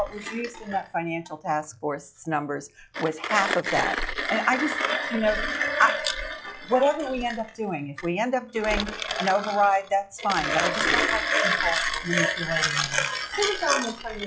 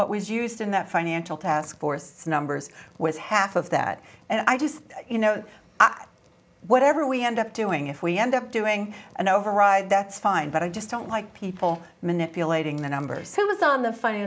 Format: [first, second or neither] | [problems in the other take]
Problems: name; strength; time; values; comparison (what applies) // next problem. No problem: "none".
second | noise reduction (classical method log-MMSE)